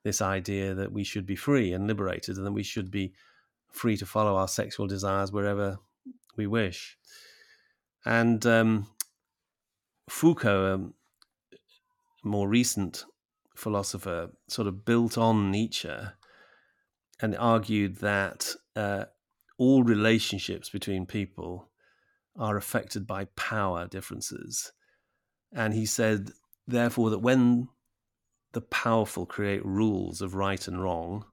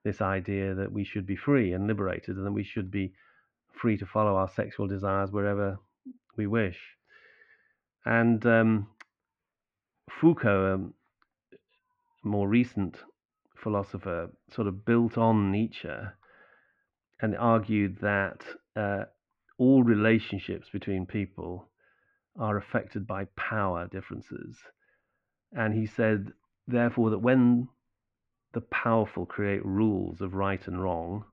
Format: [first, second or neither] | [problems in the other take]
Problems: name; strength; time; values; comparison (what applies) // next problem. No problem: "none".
first | muffled; very; fading above 2.5 kHz